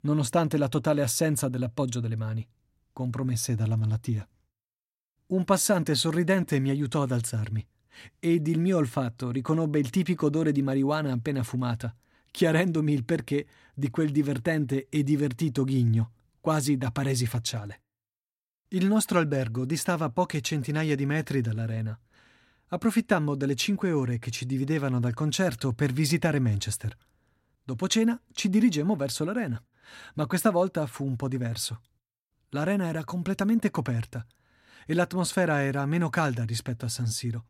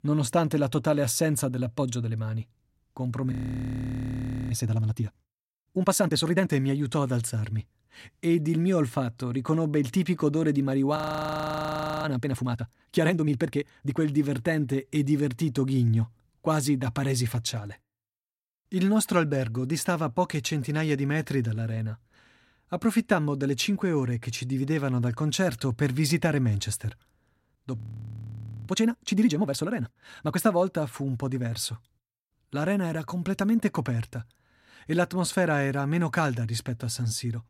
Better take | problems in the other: first | audio freezing; at 3.5 s for 1 s, at 11 s for 1 s and at 28 s for 1 s

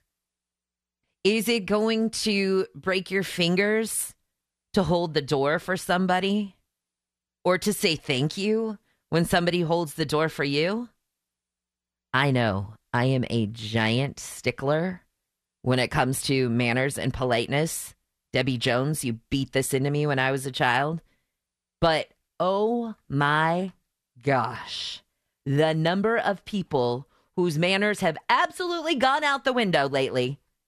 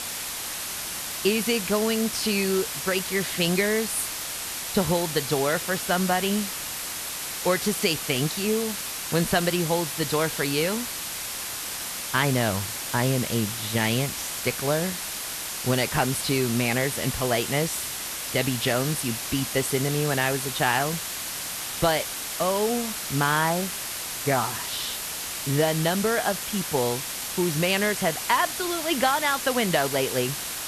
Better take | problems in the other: first | hiss; loud; throughout; 4 dB below the speech

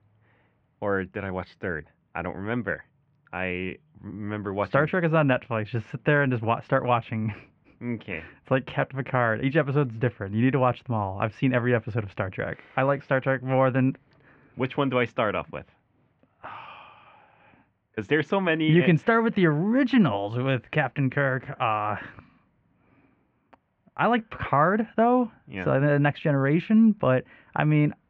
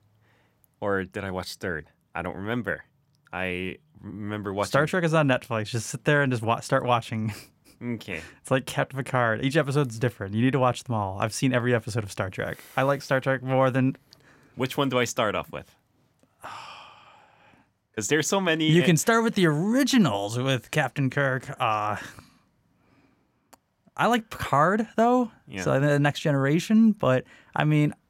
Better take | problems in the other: second | muffled; very; fading above 2.5 kHz

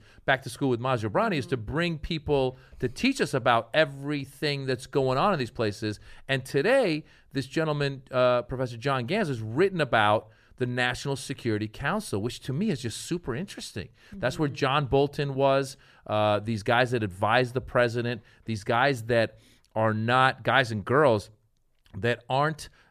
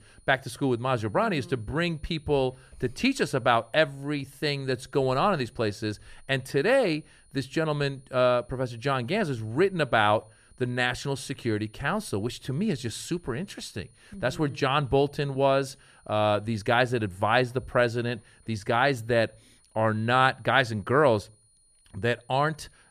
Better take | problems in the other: first | high-pitched whine; faint; throughout; 9.5 kHz, 35 dB below the speech

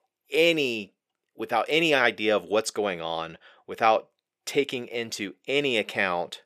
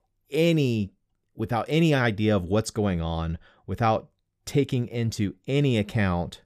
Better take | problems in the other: second | thin; very; fading below 500 Hz

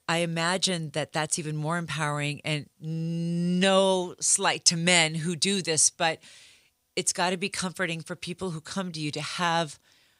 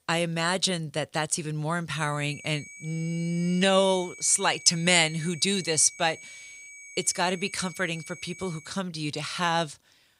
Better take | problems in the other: first | high-pitched whine; noticeable; from 2 to 8.5 s; 2.5 kHz, 15 dB below the speech

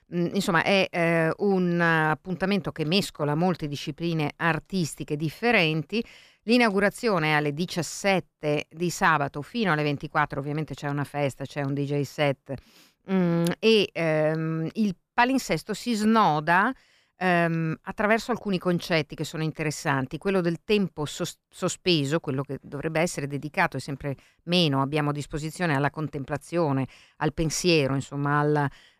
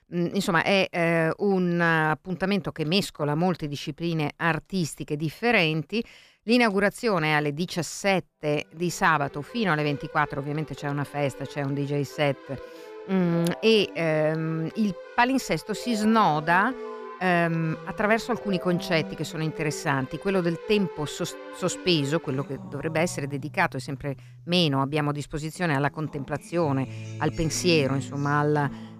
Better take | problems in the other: first | background music; noticeable; from 9 s on; 15 dB below the speech

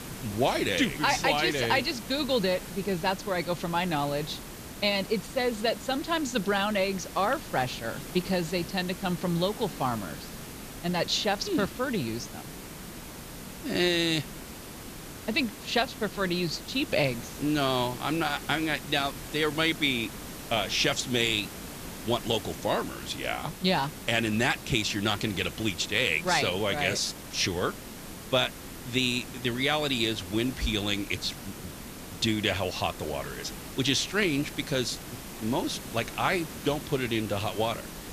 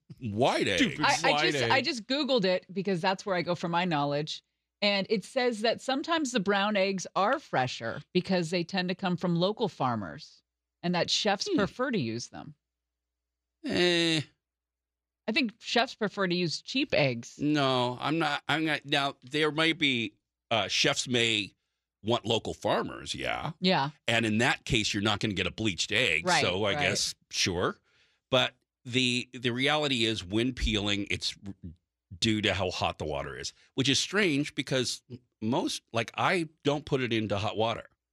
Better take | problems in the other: second | hiss; noticeable; throughout; 10 dB below the speech

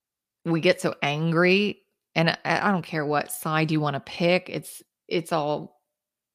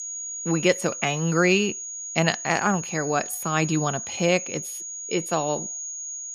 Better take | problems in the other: first | high-pitched whine; loud; throughout; 6.5 kHz, 7 dB below the speech

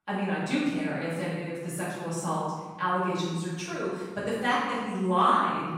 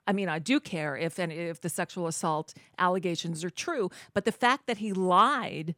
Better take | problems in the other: second | off-mic speech; far // room echo; strong; dies away in 1.2 s

